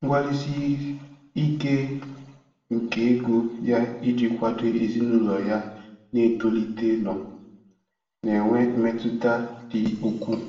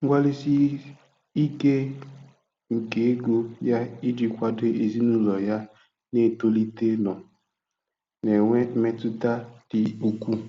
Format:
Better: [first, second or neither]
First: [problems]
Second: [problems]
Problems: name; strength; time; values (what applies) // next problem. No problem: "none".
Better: second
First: room echo; dies away in 0.7 s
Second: none